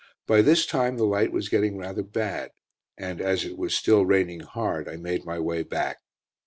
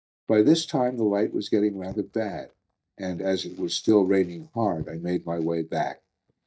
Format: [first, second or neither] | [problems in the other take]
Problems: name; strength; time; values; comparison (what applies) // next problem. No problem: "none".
first | noise reduction (neural mask model DeepFilterNet 3)